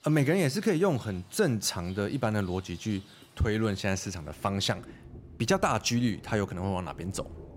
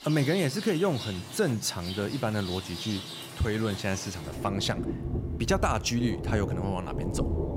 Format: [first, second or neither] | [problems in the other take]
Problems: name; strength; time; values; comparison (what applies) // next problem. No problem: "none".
first | rain or running water; loud; throughout; 6 dB below the speech; faint in the first